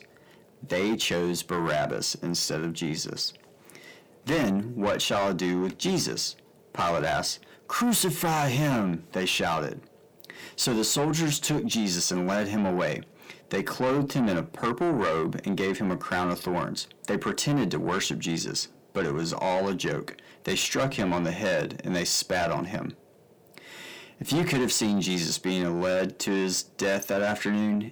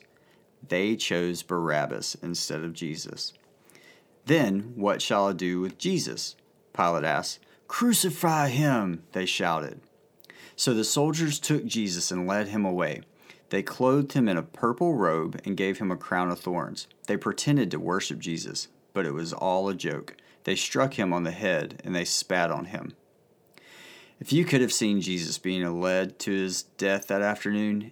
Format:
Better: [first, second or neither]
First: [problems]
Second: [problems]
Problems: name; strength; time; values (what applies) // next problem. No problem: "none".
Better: second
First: distortion; heavy; 7 dB below the speech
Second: none